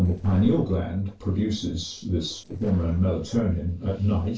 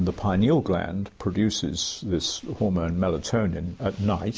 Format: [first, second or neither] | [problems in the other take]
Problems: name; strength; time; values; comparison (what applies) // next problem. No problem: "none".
second | noise reduction (neural separator model SepFormer DNS4)